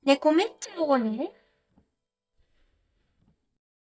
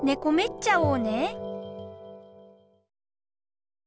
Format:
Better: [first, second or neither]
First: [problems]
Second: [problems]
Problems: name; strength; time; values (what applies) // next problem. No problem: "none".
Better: second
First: noise reduction (neural mask model DeepFilterNet 3)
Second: none